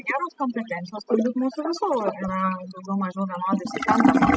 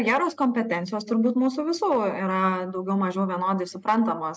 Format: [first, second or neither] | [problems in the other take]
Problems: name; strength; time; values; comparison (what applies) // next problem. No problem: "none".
second | noise reduction (classical method spectral subtraction)